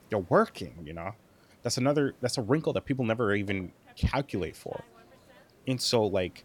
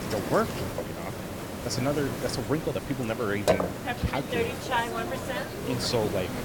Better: first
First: hiss; faint; throughout; 25 dB below the speech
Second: hiss; loud; throughout; 1 dB below the speech

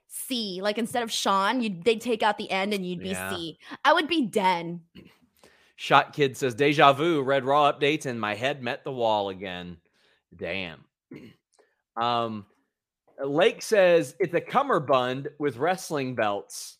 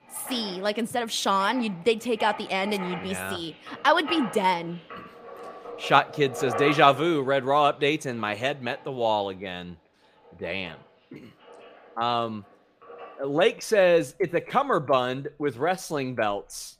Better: first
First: none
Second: household noises; noticeable; throughout; 15 dB below the speech

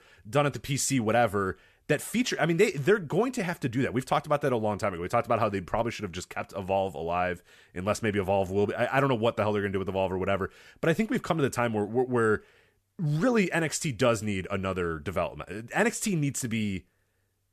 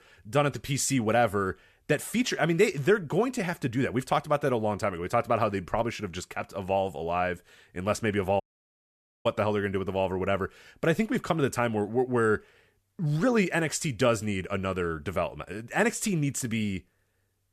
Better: first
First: none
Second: audio cutting out; at 8.5 s for 1 s

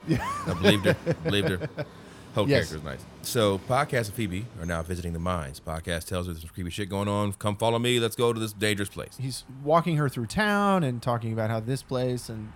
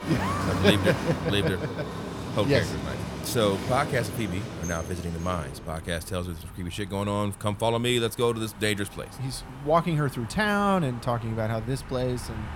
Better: first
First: traffic noise; faint; throughout; 20 dB below the speech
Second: traffic noise; loud; throughout; 8 dB below the speech

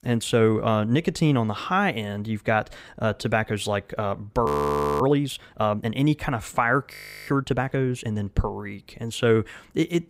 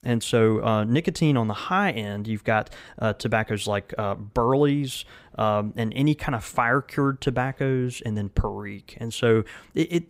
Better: second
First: audio freezing; at 4.5 s for 0.5 s and at 7 s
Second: none

